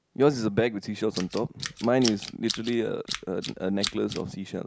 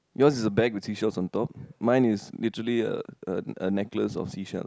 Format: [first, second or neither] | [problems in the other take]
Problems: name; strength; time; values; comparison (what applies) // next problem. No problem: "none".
second | background sound (Tools); 10 dB below the speech